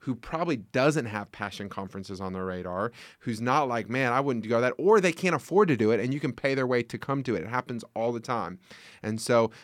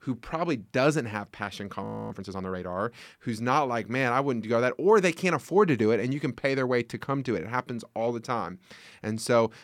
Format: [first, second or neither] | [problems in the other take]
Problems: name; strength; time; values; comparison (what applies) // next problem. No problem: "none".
first | audio freezing; at 2 s